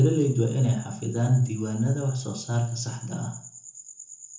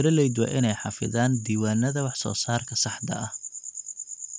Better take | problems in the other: second | room echo; dies away in 0.6 s

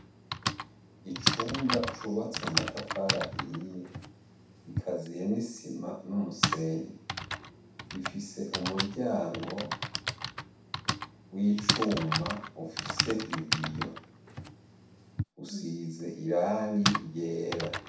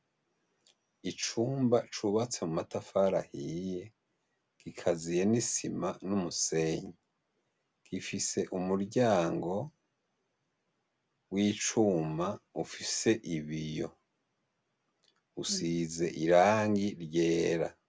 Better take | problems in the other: second | background sound (Typing); 1 dB below the speech // room echo; dies away in 0.7 s

